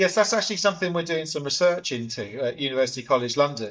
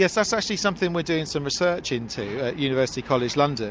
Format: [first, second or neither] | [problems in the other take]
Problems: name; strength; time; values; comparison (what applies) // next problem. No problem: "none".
second | noise reduction (neural mask model DeepFilterNet 3)